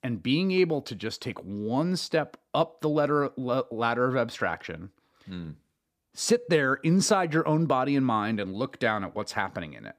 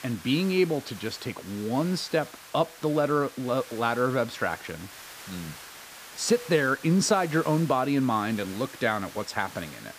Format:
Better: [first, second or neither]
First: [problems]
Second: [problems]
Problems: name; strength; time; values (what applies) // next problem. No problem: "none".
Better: first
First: none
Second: hiss; noticeable; throughout; 15 dB below the speech